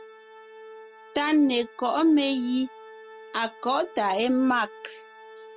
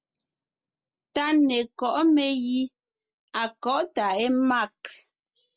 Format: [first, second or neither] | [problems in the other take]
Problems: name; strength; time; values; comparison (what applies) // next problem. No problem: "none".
second | background sound (Organ); 19 dB below the speech